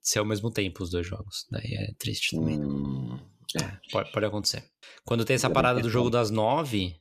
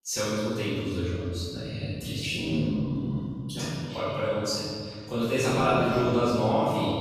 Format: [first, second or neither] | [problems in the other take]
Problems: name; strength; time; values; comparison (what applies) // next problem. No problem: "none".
first | off-mic speech; far // room echo; strong; dies away in 1.8 s